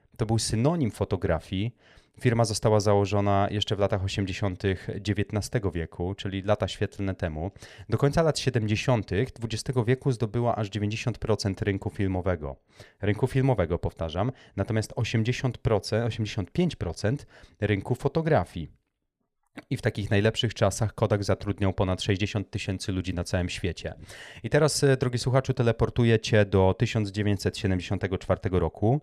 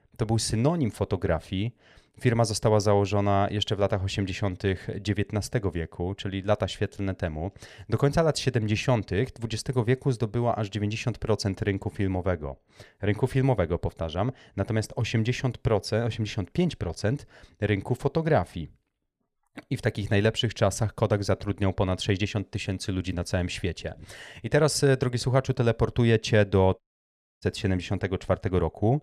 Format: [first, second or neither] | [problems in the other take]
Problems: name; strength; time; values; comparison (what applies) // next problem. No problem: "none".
first | audio cutting out; at 27 s for 0.5 s